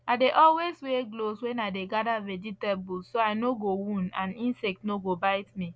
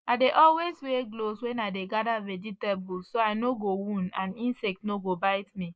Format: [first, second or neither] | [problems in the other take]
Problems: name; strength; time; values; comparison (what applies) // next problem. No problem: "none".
first | noise reduction (neural mask model Resemble Enhance denoiser)